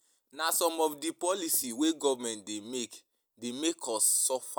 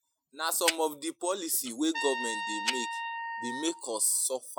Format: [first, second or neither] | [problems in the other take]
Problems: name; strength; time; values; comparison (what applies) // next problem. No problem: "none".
first | noise reduction (classical method Wiener filter)